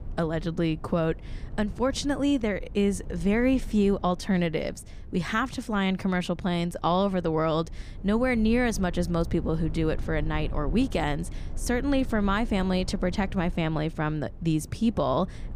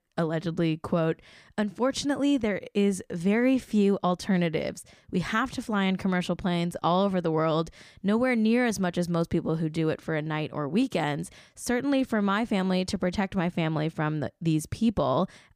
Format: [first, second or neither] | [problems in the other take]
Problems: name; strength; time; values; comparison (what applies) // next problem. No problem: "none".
second | low rumble; faint; throughout; 25 dB below the speech